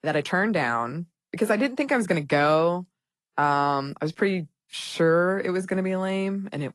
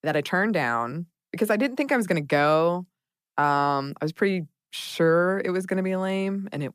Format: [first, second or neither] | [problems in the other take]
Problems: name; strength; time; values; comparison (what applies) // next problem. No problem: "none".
second | garbled, watery; slightly; nothing above 12 kHz